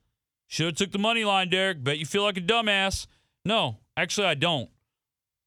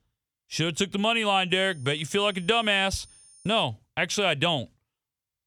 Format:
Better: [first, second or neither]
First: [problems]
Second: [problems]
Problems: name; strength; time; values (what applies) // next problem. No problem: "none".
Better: first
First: none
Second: high-pitched whine; faint; from 1.5 to 3.5 s; 9 kHz, 25 dB below the speech